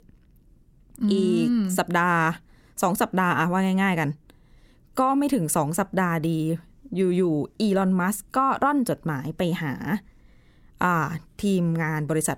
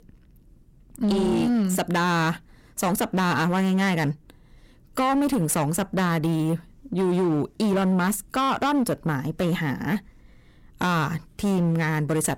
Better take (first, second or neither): first